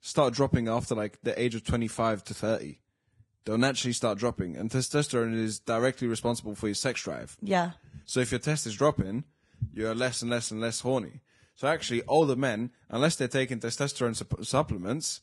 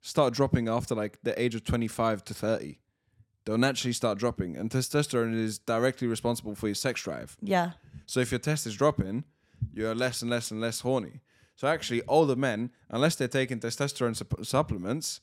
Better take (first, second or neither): second